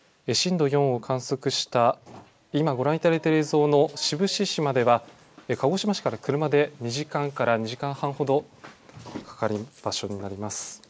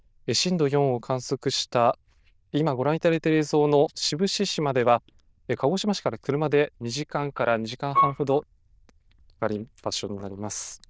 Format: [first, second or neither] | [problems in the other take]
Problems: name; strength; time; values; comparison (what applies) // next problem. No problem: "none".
first | noise reduction (neural diffusion model UNIVERSE++)